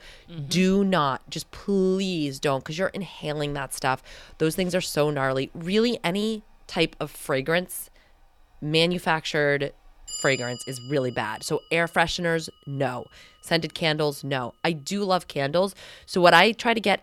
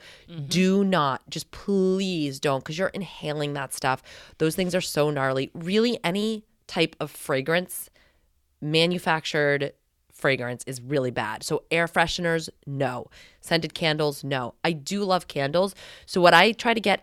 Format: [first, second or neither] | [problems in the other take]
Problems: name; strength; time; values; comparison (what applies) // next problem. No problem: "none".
second | household noises; noticeable; throughout; 15 dB below the speech